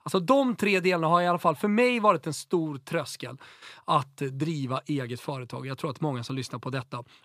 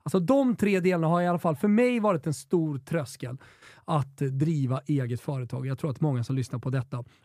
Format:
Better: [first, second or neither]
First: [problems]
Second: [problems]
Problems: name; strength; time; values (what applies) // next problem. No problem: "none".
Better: second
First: thin; very slightly; fading below 600 Hz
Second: none